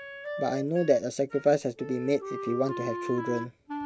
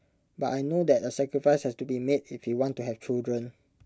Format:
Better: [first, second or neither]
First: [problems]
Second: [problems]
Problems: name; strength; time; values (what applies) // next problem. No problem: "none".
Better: second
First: background sound (Wind instrument, woodwind instrument); 9 dB below the speech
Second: none